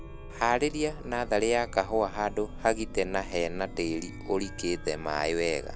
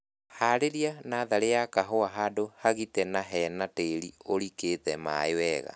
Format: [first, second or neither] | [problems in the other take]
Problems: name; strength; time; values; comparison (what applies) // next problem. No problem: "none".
second | background sound (Chime); 10 dB below the speech